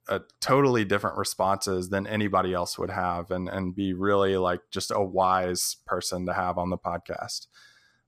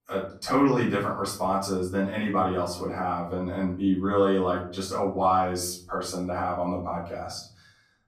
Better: first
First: none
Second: room echo; noticeable; dies away in 0.6 s // off-mic speech; far

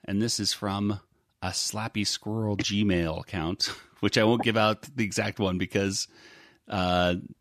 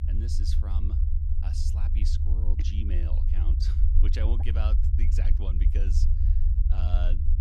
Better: first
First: none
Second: low rumble; loud; throughout; 2 dB below the speech

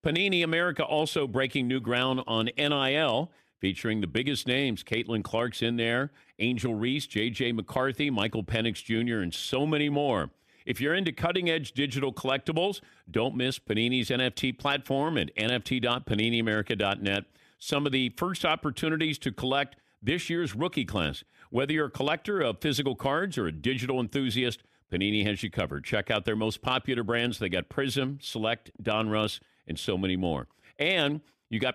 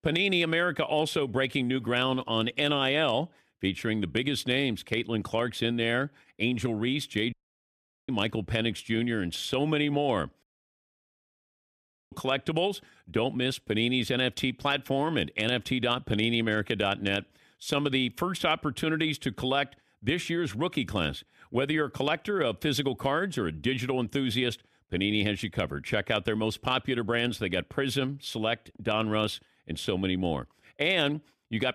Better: first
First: none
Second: audio cutting out; at 7.5 s for 1 s and at 10 s for 1.5 s

